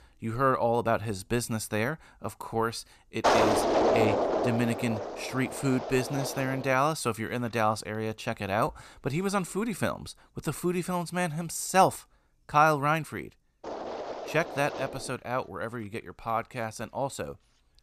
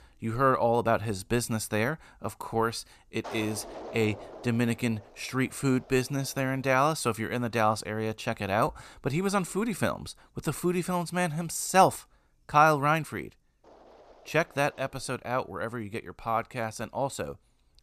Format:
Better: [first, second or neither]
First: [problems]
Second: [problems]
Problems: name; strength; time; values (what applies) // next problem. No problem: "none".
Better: second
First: wind noise on the microphone; heavy; from 3 to 9.5 s and from 14 s on; as loud as the speech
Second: wind noise on the microphone; occasional gusts; from 3 to 9.5 s and from 14 s on; 20 dB below the speech